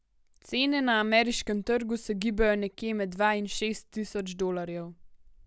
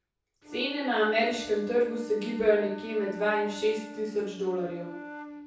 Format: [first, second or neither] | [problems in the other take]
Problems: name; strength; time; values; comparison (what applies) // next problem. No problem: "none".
first | background sound (Wind instrument, woodwind instrument); 14 dB below the speech // room echo; dies away in 0.6 s